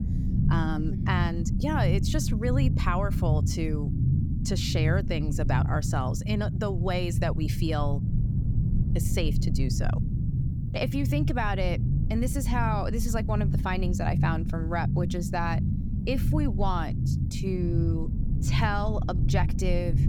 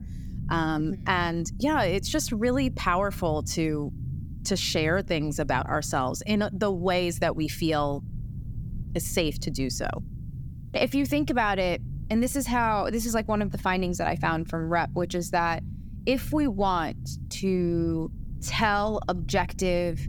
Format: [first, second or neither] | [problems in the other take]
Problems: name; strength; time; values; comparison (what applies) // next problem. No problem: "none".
second | low rumble; loud; throughout; 7 dB below the speech; faint in the second